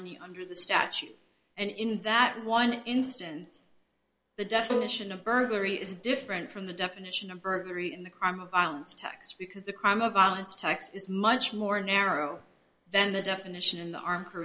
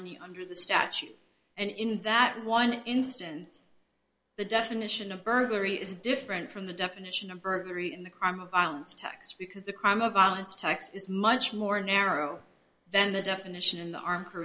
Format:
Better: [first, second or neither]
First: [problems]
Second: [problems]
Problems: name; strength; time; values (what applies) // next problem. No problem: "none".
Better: second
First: background sound (Bowed string instrument); 7 dB below the speech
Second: none